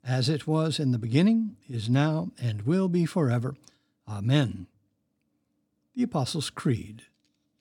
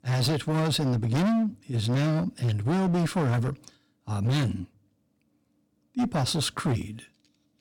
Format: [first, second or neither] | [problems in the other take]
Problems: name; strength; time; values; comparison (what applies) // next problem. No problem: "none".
first | distortion; heavy; 19% of the sound clipped